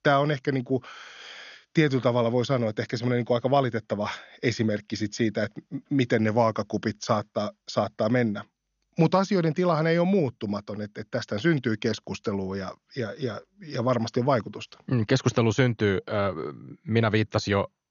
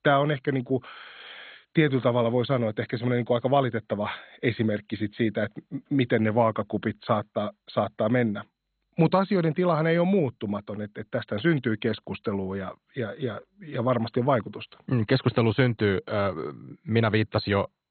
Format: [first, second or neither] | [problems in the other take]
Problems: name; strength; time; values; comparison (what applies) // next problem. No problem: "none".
first | garbled, watery; badly; nothing above 4 kHz; slightly in the first